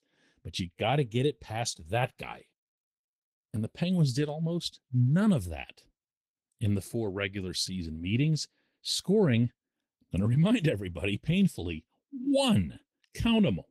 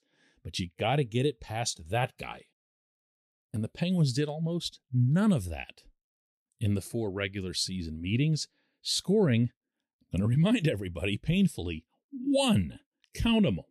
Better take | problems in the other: second | garbled, watery; slightly; nothing above 15.5 kHz

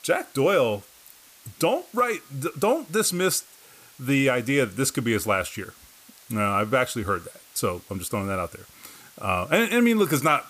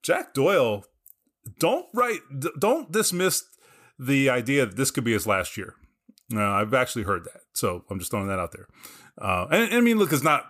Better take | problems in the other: second | hiss; faint; throughout; 25 dB below the speech

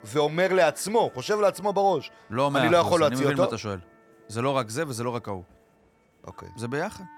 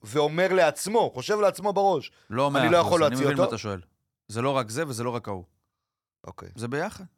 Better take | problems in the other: second | background music; faint; throughout; 30 dB below the speech

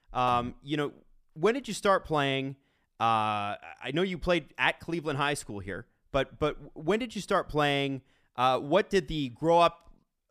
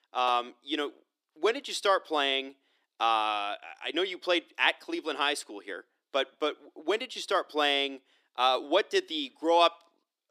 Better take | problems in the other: first | thin; somewhat; fading below 300 Hz

